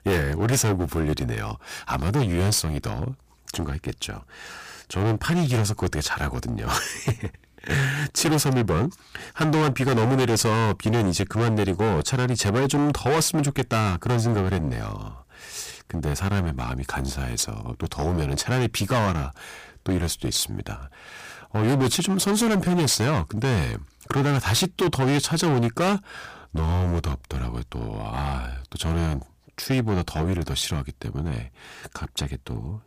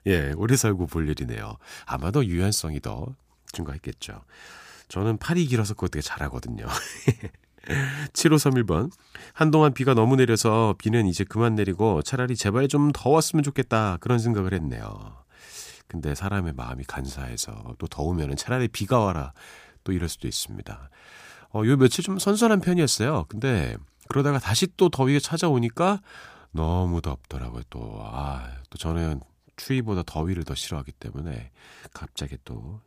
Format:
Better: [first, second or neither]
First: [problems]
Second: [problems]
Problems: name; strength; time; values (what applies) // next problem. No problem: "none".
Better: second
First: distortion; heavy; 15% of the sound clipped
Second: none